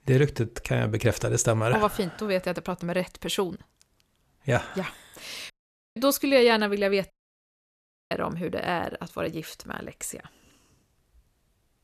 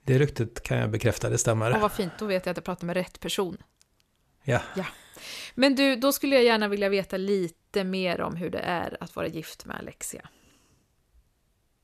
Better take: second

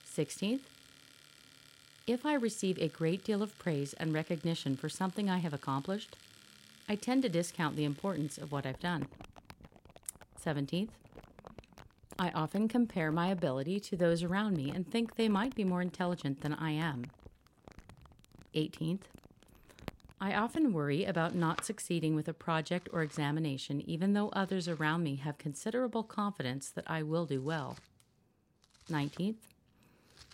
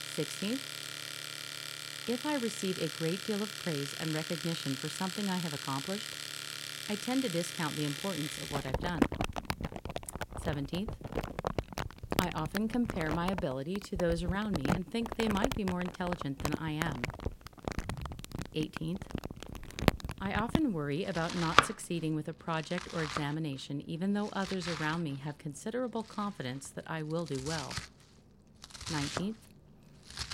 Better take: first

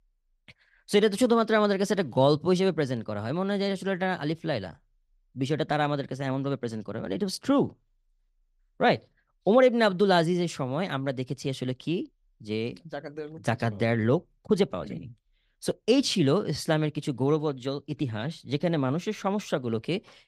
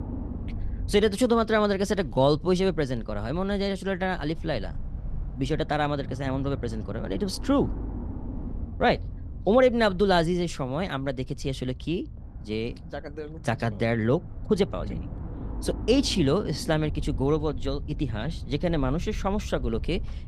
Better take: first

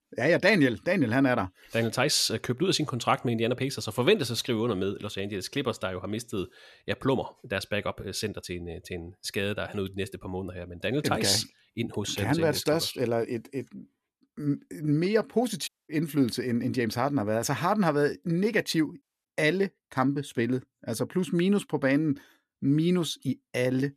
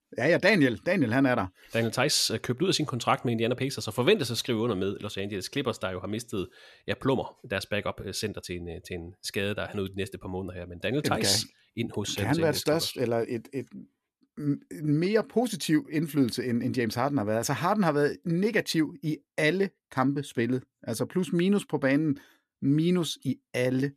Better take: second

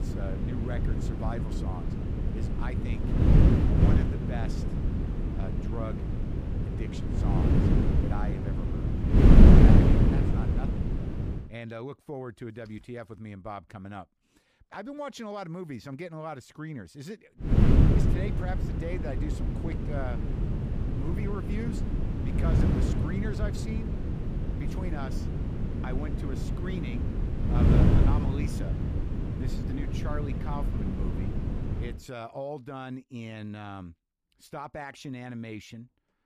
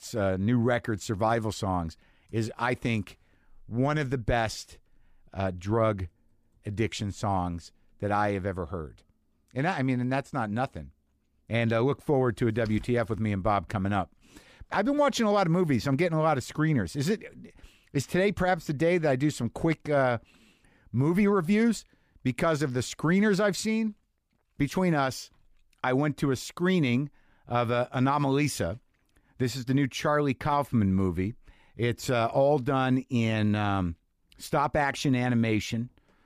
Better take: second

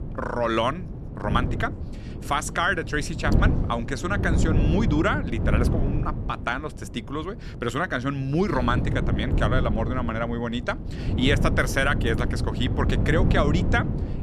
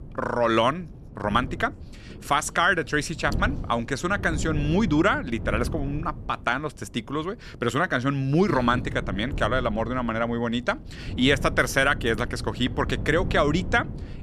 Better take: second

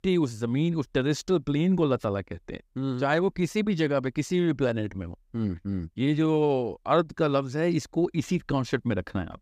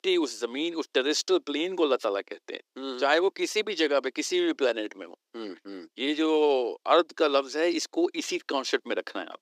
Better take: first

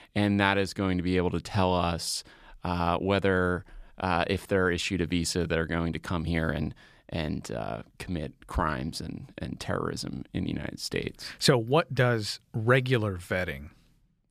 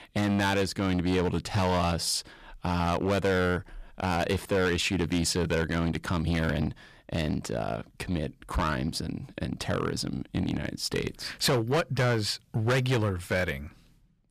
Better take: first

